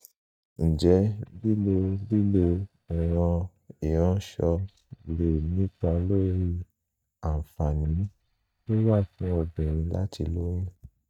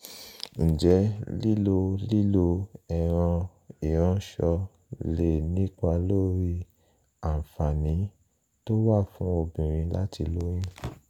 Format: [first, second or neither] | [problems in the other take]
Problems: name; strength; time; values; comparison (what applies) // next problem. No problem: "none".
second | noise reduction (neural mask model DeepFilterNet 3)